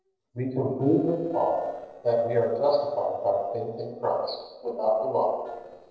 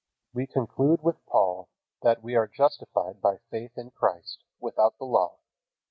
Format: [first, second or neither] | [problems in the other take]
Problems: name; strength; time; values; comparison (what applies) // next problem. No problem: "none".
second | noise reduction (neural separator model SepFormer DNS4)